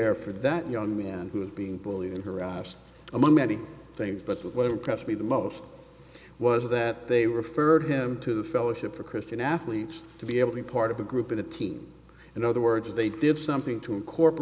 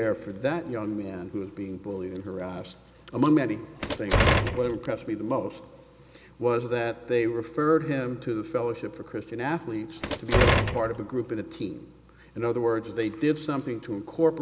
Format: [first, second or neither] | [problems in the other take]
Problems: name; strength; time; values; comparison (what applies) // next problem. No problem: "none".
first | background sound (Door); 3 dB above the speech